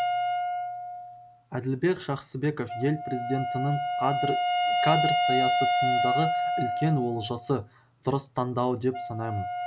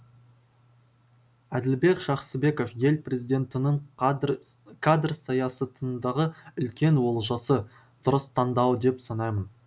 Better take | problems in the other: second | background sound (Wind instrument, woodwind instrument); 1 dB above the speech

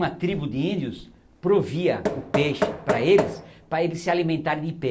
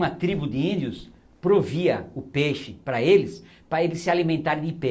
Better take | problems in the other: second | background sound (Knock); 5 dB below the speech

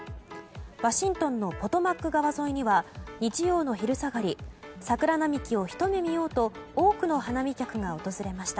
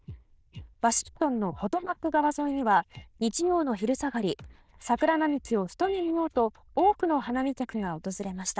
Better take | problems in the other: first | noise reduction (neural diffusion model UNIVERSE++)

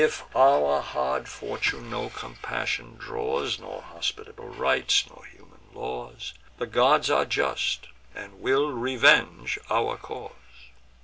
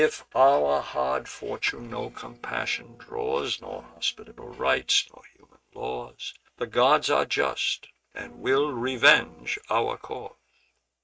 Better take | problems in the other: first | noise reduction (neural mask model RNNoise)

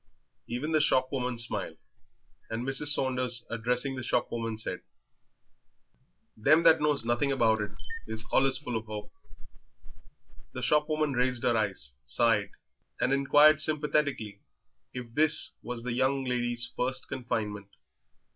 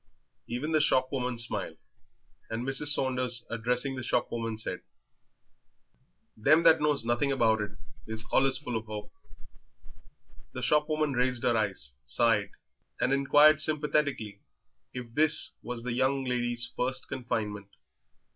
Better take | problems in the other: second | background sound (Camera); 18 dB below the speech

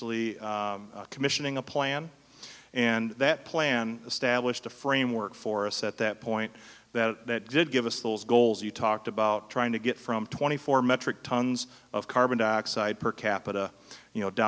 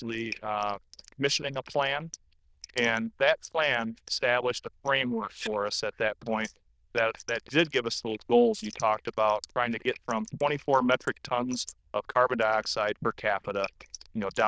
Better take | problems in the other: first | noise reduction (neural diffusion model UNIVERSE++)

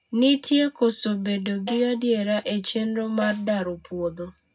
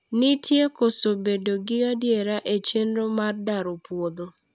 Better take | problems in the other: second | background sound (Snare drum); 18 dB below the speech // room echo; dies away in 0.3 s

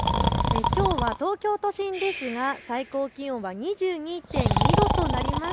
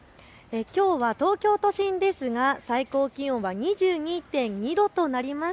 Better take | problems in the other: second | background sound (Breathing); 2 dB above the speech

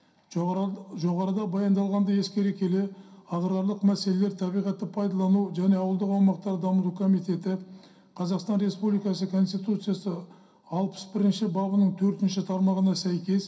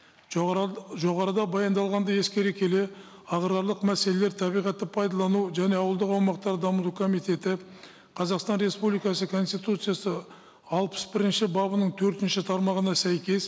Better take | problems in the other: second | room echo; dies away in 0.3 s

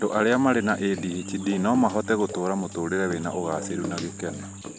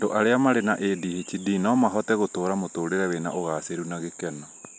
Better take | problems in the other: second | background sound (Bathtub (filling or washing) / Water / Splash, splatter + Organ); 12 dB below the speech

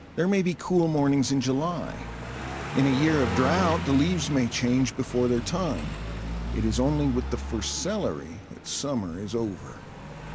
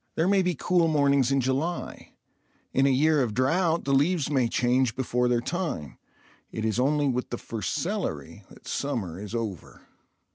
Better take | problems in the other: second | background sound (Car passing by); 7 dB below the speech

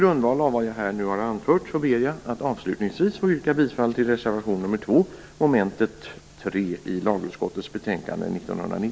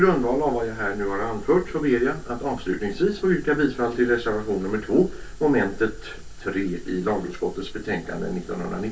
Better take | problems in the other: first | room echo; dies away in 0.1 s

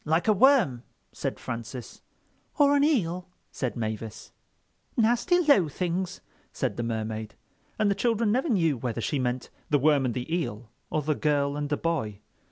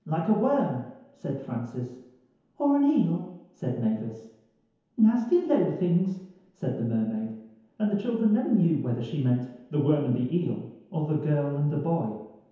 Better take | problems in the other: first | room echo; dies away in 1 s

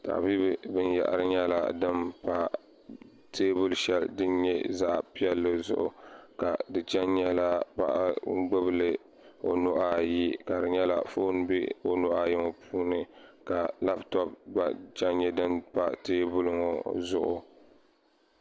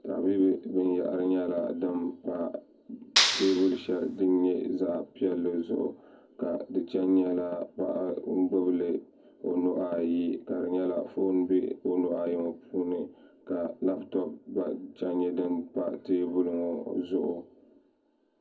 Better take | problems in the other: first | background sound (Clapping); 1 dB above the speech // room echo; dies away in 0.4 s

